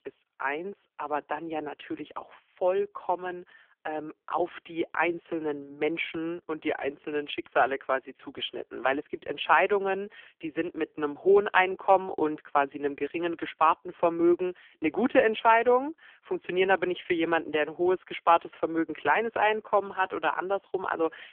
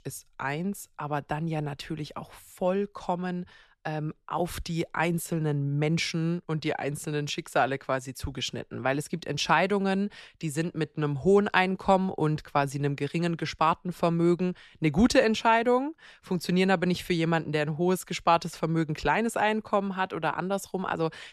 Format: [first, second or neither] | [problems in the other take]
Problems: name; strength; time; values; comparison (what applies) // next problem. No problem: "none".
second | phone-call audio; poor line; nothing above 3.5 kHz